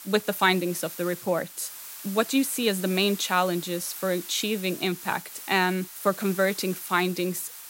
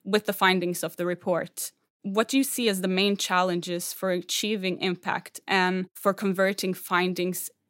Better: second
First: hiss; noticeable; throughout; 10 dB below the speech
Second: none

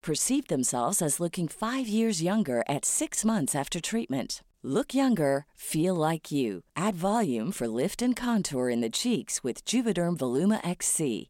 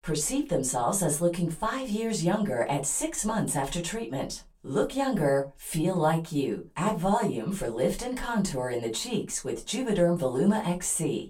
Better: first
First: none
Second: off-mic speech; far // room echo; very slight; dies away in 0.2 s

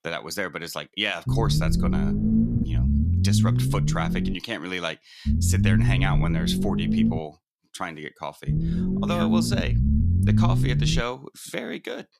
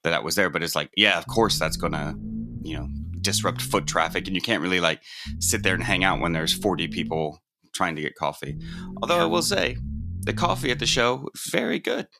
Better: second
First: low rumble; loud; from 1.5 to 4.5 s, from 5.5 to 7 s and from 8.5 to 11 s; 3 dB below the speech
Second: low rumble; faint; from 1.5 to 4.5 s, from 5.5 to 7 s and from 8.5 to 11 s; 20 dB below the speech

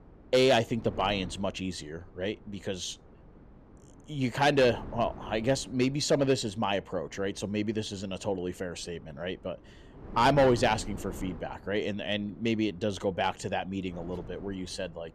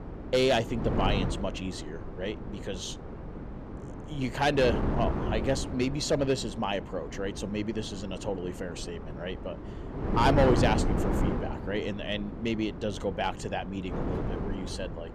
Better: first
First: wind noise on the microphone; occasional gusts; 20 dB below the speech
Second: wind noise on the microphone; heavy; 7 dB below the speech

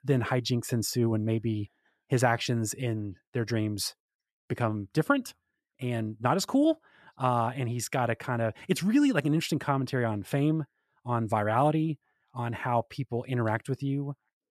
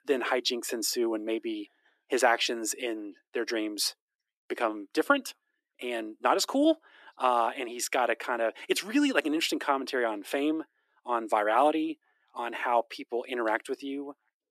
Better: first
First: none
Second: thin; somewhat; fading below 300 Hz

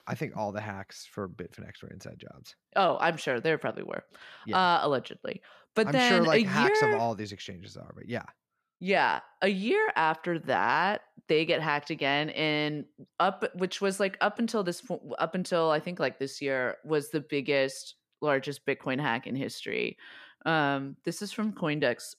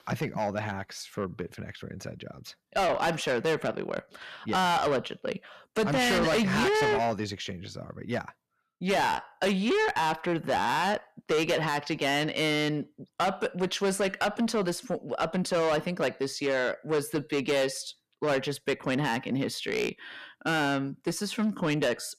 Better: first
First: none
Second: distortion; heavy; 7 dB below the speech

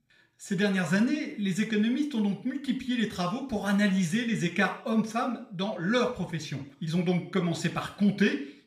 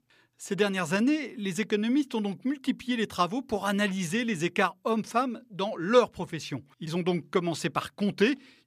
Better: second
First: room echo; slight; dies away in 0.4 s // off-mic speech; somewhat distant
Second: none

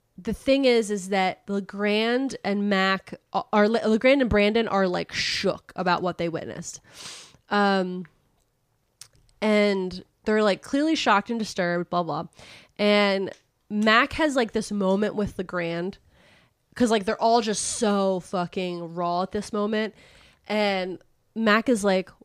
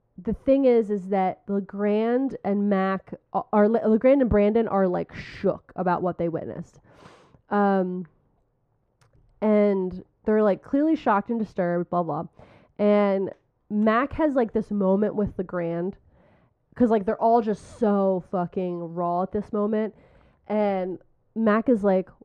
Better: first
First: none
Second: muffled; very; fading above 2 kHz

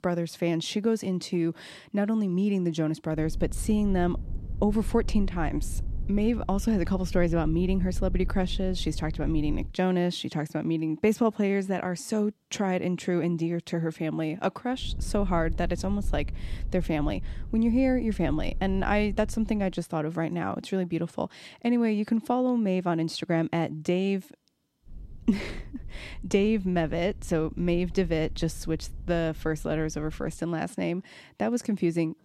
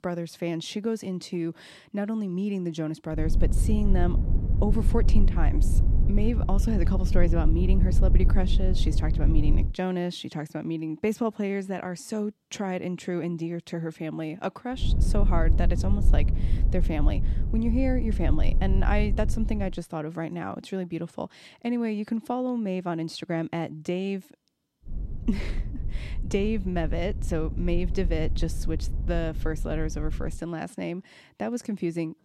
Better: first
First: low rumble; faint; from 3 to 9.5 s, from 15 to 20 s and from 25 to 30 s; 25 dB below the speech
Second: low rumble; loud; from 3 to 9.5 s, from 15 to 20 s and from 25 to 30 s; 10 dB below the speech

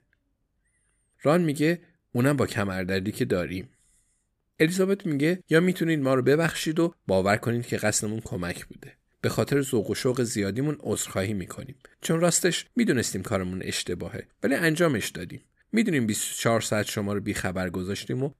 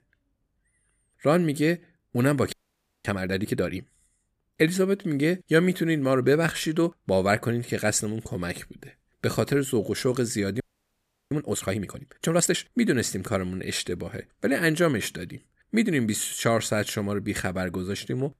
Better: first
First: none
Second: audio freezing; at 2.5 s for 0.5 s and at 11 s for 0.5 s

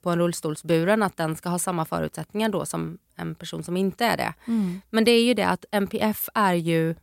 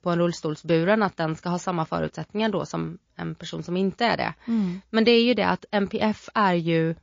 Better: first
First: none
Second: garbled, watery; slightly

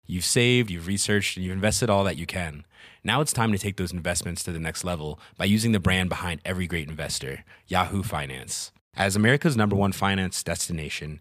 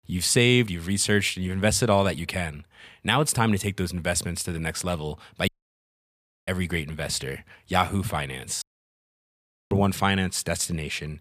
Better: first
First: none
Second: audio cutting out; at 5.5 s for 1 s and at 8.5 s for 1 s

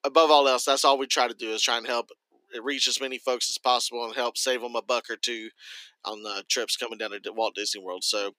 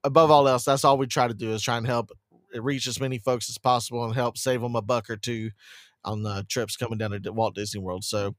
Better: second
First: thin; somewhat; fading below 300 Hz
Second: none

